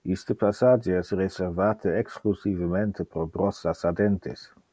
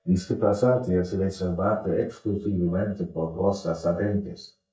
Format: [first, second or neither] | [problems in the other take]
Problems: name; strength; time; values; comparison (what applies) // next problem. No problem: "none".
first | noise reduction (neural mask model DeepFilterNet 3)